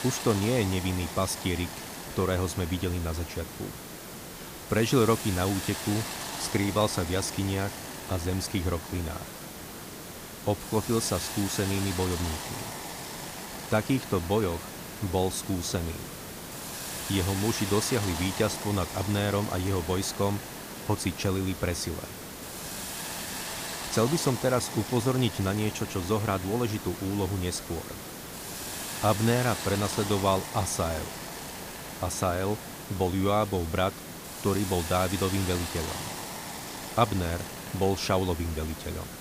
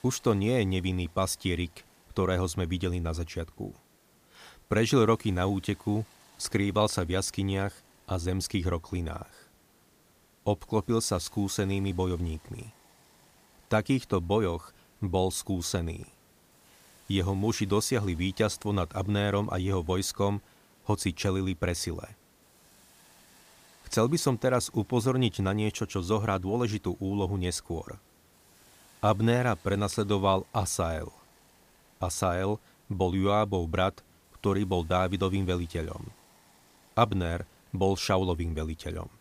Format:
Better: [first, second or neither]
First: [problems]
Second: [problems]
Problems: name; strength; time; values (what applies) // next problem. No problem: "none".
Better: second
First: hiss; loud; throughout; 7 dB below the speech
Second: hiss; faint; throughout; 30 dB below the speech